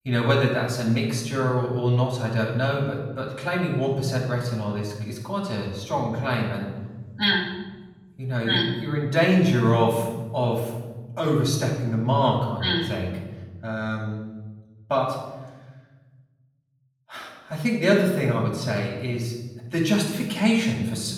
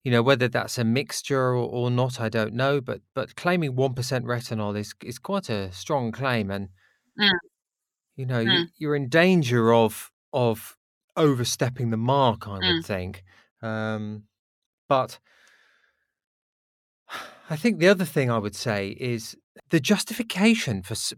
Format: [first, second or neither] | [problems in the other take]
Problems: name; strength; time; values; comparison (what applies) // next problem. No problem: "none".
second | off-mic speech; far // room echo; noticeable; dies away in 1.2 s